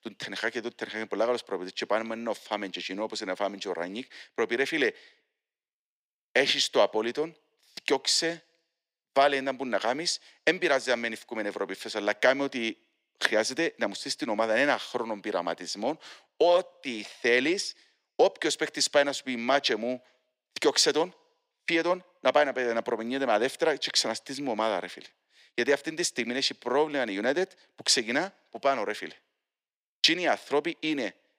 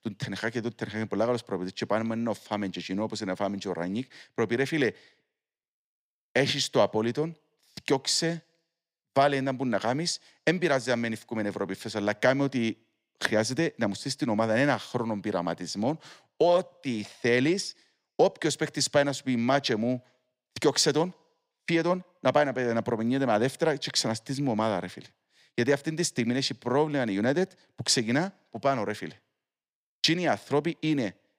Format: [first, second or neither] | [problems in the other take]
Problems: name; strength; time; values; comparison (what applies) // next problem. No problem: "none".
second | thin; somewhat; fading below 400 Hz